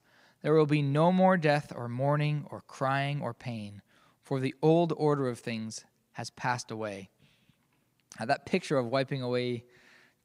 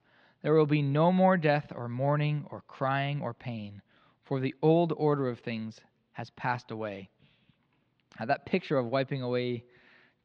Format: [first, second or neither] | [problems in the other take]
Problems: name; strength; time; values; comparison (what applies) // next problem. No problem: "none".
first | muffled; very slightly; fading above 3.5 kHz